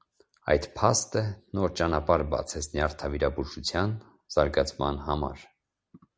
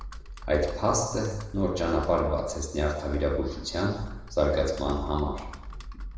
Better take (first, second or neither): first